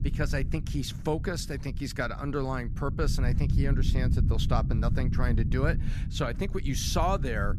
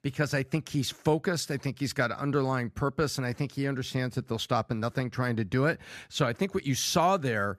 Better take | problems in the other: second | low rumble; noticeable; throughout; 10 dB below the speech

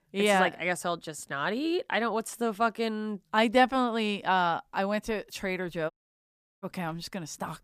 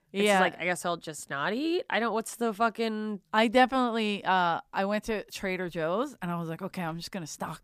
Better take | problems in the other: second | audio cutting out; at 6 s for 0.5 s

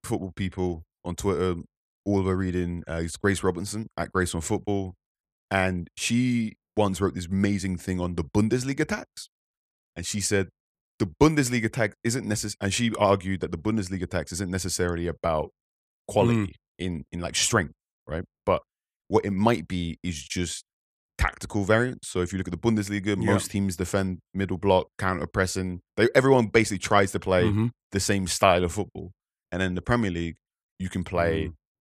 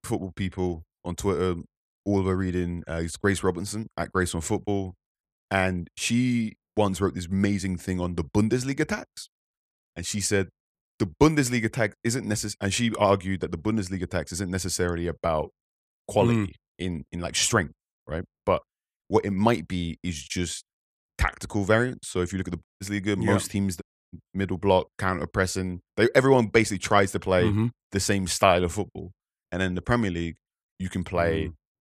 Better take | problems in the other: first | audio cutting out; at 23 s and at 24 s

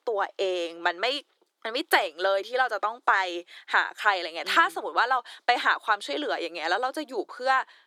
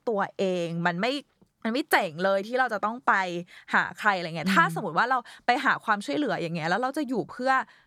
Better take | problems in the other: second | thin; very; fading below 350 Hz

